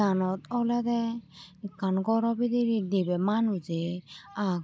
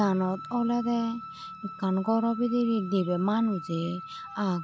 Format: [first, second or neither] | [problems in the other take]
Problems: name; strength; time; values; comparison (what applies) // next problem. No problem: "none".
first | background sound (Wind instrument, woodwind instrument); 14 dB below the speech